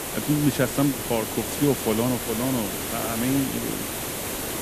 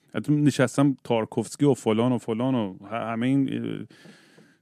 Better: second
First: hiss; loud; throughout; 3 dB below the speech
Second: none

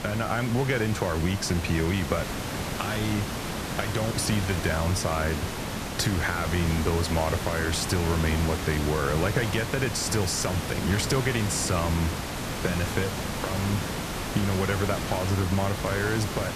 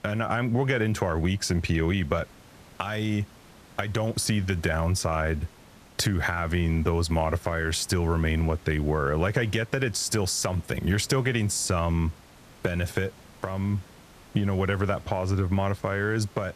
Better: second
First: hiss; loud; throughout; 4 dB below the speech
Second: hiss; faint; throughout; 25 dB below the speech

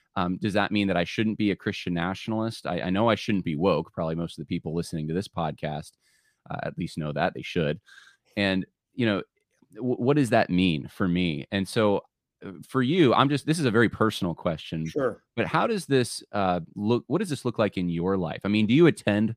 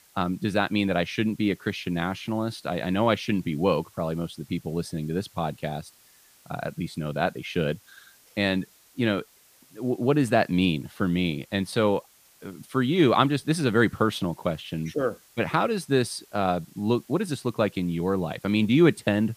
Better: first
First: none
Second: hiss; faint; throughout; 30 dB below the speech

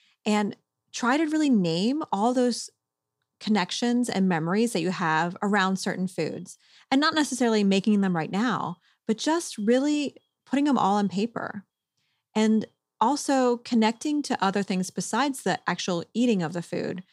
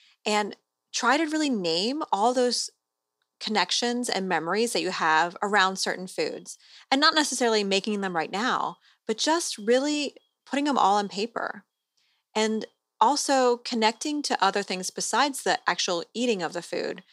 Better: first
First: none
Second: thin; somewhat; fading below 400 Hz

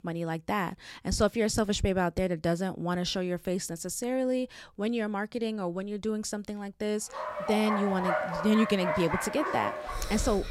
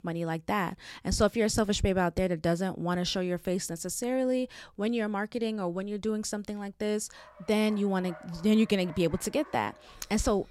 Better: second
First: animal sounds; loud; from 7 s on; 3 dB below the speech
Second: animal sounds; faint; from 7 s on; 20 dB below the speech

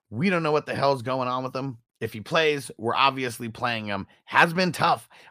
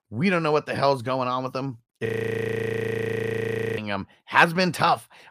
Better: first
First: none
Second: audio freezing; at 2 s for 1.5 s

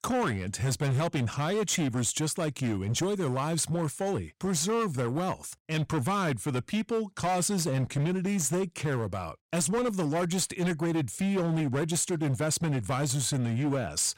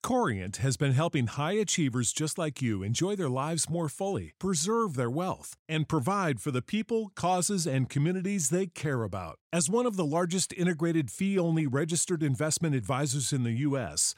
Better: second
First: distortion; slight; 19% of the sound clipped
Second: none

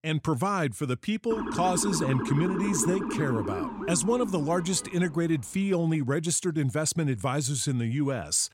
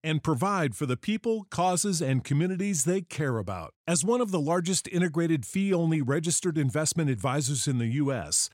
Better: second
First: siren; noticeable; from 1.5 to 5 s; peak 3 dB below the speech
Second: none

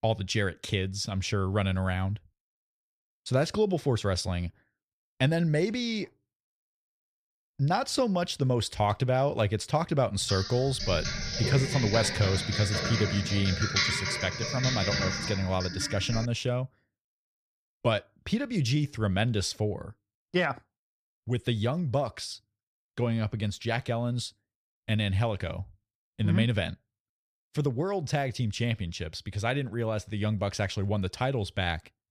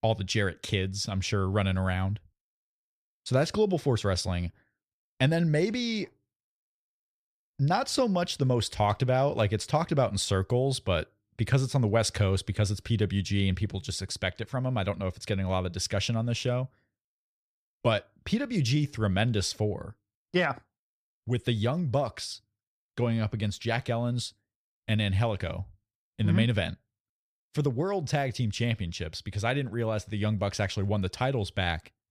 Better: second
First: keyboard typing; loud; from 10 to 16 s; peak 3 dB above the speech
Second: none

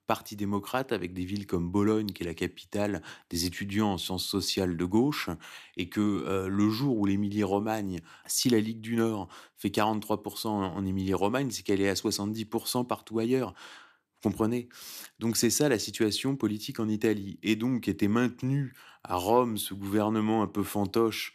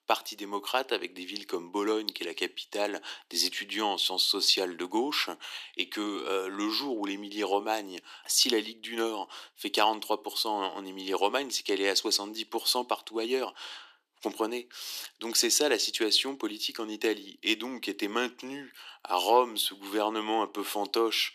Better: first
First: none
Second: thin; somewhat; fading below 350 Hz

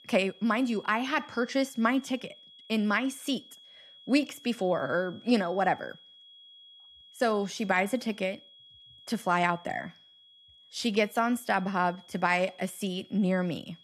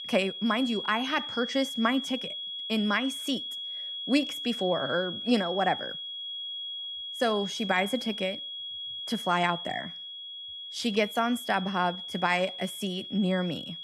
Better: first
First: high-pitched whine; faint; throughout; 3.5 kHz, 25 dB below the speech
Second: high-pitched whine; loud; throughout; 3.5 kHz, 6 dB below the speech

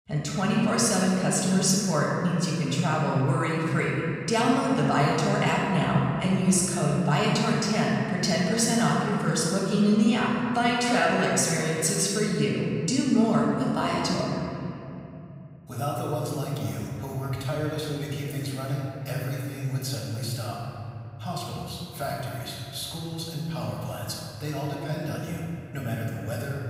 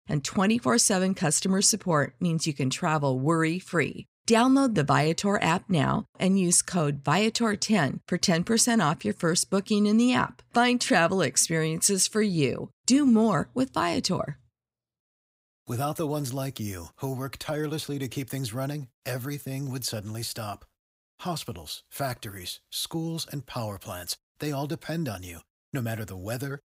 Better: second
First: room echo; strong; dies away in 3 s // off-mic speech; far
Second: none

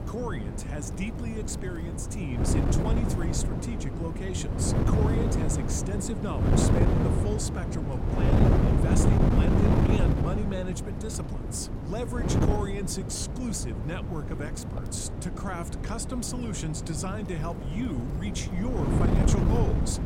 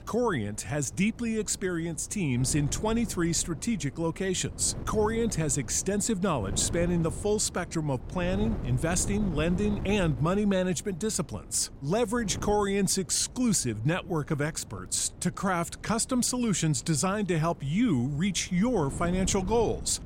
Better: second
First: wind noise on the microphone; heavy; 2 dB above the speech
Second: wind noise on the microphone; occasional gusts; 20 dB below the speech

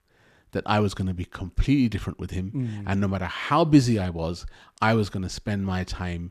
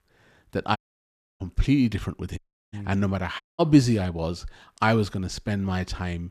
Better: first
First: none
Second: audio cutting out; at 1 s for 0.5 s, at 2.5 s and at 3.5 s

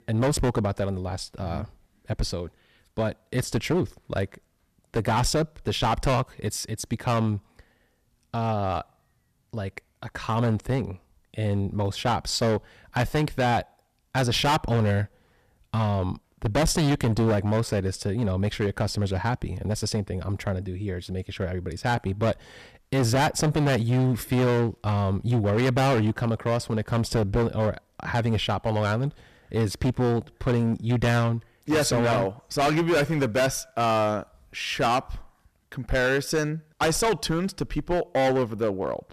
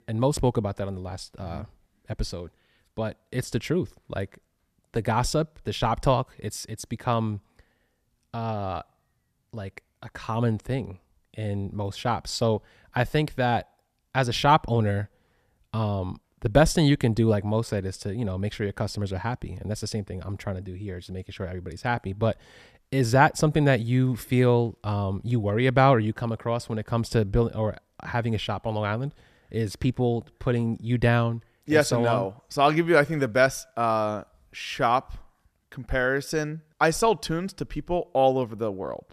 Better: second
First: distortion; heavy; 12% of the sound clipped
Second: none

